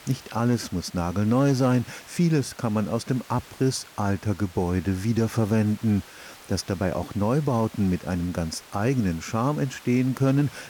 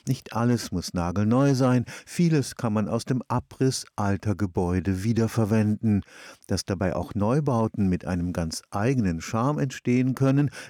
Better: second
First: hiss; faint; throughout; 20 dB below the speech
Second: none

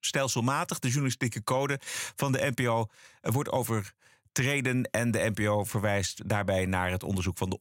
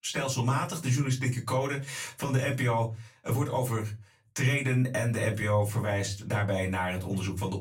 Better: first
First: none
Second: off-mic speech; far // room echo; very slight; dies away in 0.2 s

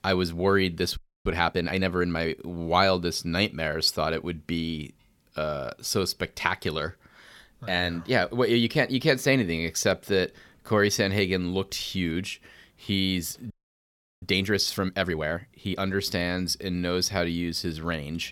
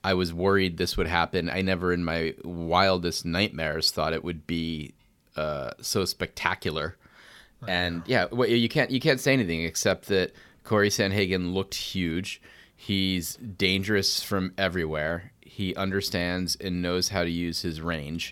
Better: second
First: audio freezing; at 1 s and at 14 s for 0.5 s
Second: none

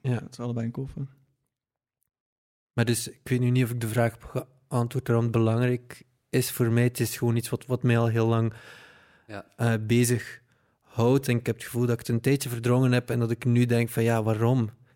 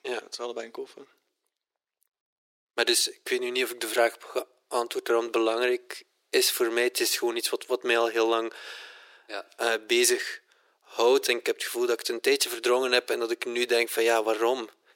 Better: first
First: none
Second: thin; very; fading below 350 Hz

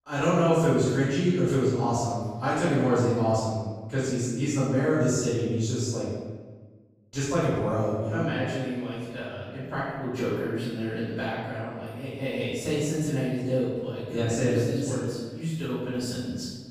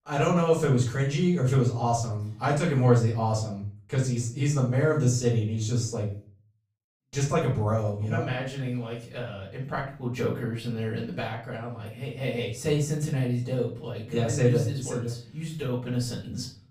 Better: second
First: room echo; strong; dies away in 1.2 s // off-mic speech; far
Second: room echo; slight; dies away in 0.4 s // off-mic speech; far

